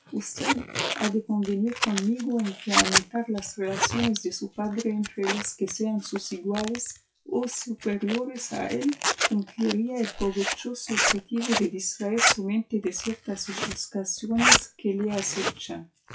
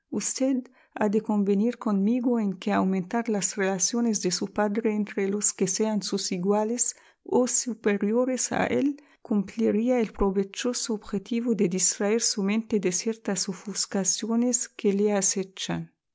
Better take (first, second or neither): second